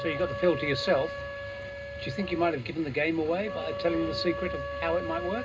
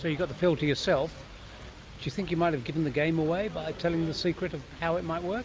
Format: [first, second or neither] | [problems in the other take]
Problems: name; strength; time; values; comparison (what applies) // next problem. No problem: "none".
second | background sound (Wind instrument, woodwind instrument); 7 dB below the speech // room echo; dies away in 0.2 s